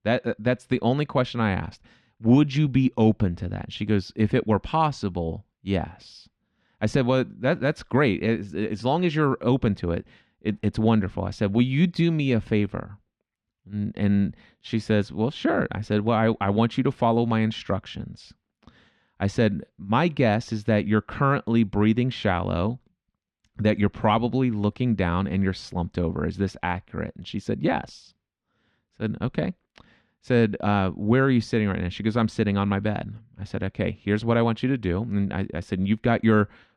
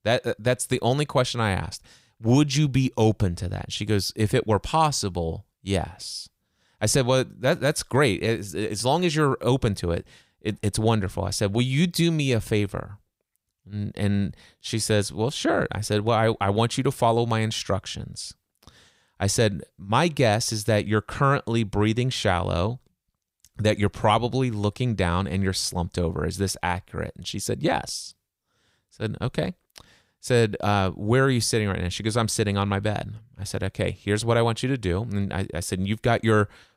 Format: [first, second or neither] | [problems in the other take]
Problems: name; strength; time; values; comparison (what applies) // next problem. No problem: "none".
second | muffled; slightly; fading above 2.5 kHz